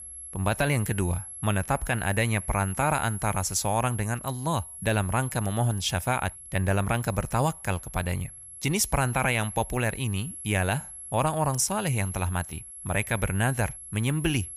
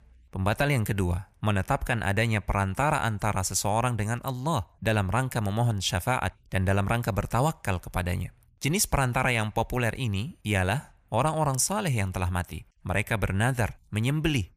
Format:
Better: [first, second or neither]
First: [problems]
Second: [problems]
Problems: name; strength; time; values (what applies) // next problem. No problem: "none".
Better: second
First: high-pitched whine; noticeable; throughout; 11 kHz, 10 dB below the speech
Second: none